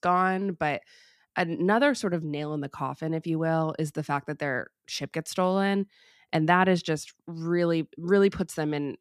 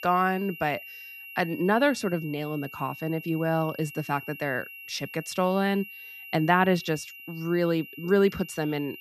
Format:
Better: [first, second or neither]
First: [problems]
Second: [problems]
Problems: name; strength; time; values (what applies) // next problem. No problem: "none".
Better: first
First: none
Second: high-pitched whine; noticeable; throughout; 3 kHz, 15 dB below the speech